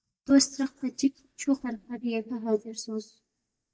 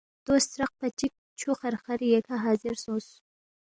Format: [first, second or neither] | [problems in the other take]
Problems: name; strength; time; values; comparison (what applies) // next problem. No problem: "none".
second | noise reduction (neural mask model DeepFilterNet 3)